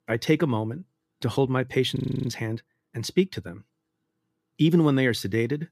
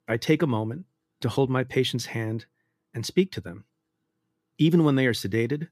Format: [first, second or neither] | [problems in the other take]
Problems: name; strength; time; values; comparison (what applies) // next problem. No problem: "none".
second | audio freezing; at 2 s